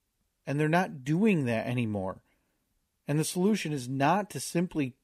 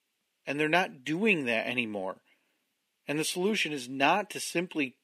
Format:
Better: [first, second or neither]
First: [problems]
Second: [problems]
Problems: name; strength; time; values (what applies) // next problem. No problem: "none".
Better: first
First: none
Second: thin; very slightly; fading below 300 Hz